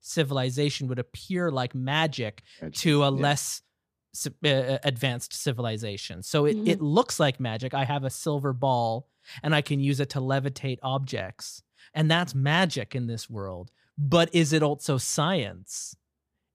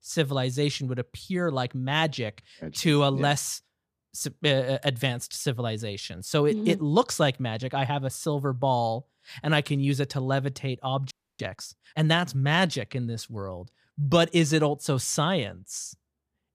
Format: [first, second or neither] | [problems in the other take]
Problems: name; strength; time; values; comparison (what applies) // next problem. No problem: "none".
first | audio freezing; at 11 s